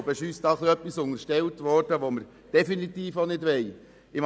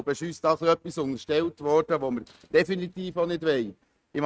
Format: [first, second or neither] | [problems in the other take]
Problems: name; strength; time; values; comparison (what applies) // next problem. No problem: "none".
first | noise reduction (neural mask model RNNoise)